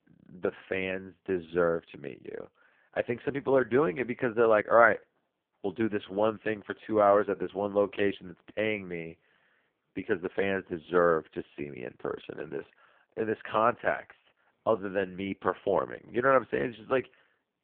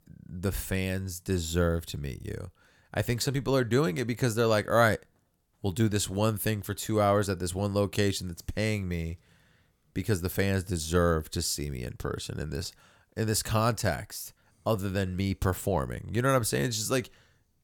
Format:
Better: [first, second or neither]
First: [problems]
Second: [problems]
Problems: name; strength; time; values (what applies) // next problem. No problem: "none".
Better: second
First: phone-call audio; poor line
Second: none